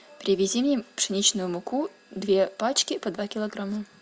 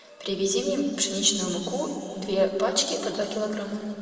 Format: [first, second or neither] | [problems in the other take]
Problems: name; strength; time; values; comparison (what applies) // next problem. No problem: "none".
first | room echo; dies away in 2.4 s